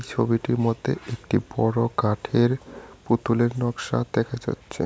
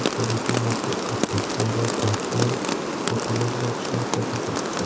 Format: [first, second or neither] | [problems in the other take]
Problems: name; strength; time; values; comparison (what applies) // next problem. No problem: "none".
first | background sound (Rain); 2 dB above the speech // room echo; dies away in 0.2 s